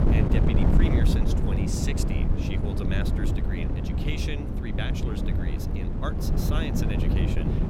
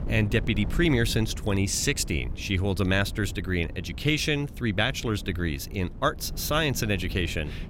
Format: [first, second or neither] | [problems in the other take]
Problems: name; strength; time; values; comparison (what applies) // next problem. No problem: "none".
second | wind noise on the microphone; heavy; 2 dB above the speech; occasional gusts in the second